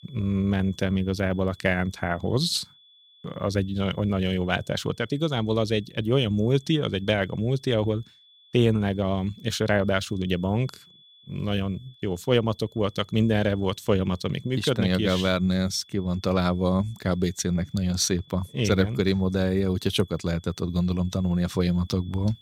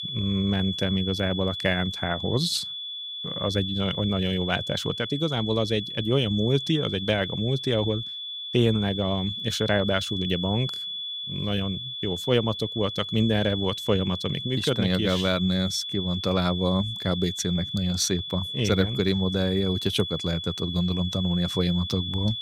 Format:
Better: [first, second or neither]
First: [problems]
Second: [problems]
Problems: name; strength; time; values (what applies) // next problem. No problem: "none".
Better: first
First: high-pitched whine; faint; throughout; 3.5 kHz, 25 dB below the speech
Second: high-pitched whine; loud; throughout; 3.5 kHz, 5 dB below the speech